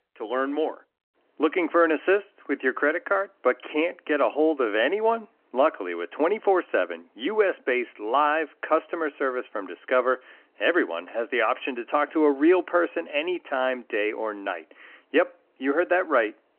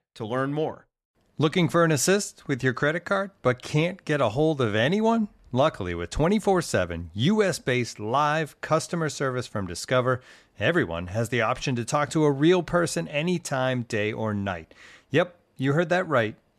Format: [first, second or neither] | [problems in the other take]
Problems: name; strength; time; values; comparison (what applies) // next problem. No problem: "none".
second | phone-call audio